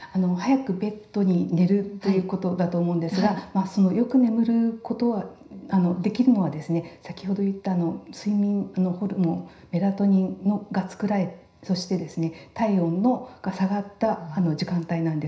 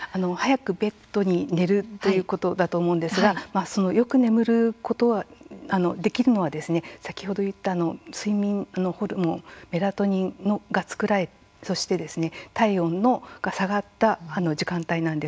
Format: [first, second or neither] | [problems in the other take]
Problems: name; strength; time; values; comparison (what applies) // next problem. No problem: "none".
second | room echo; dies away in 0.5 s